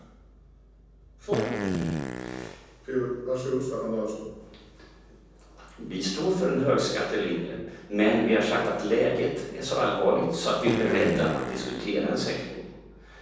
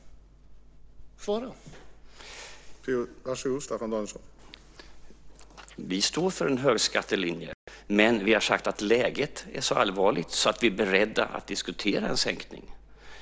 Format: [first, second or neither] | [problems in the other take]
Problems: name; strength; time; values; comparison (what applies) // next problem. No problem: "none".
second | background sound (Fart); 3 dB below the speech // room echo; dies away in 1.1 s